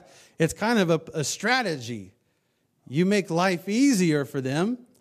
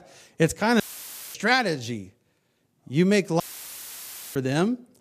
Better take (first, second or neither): first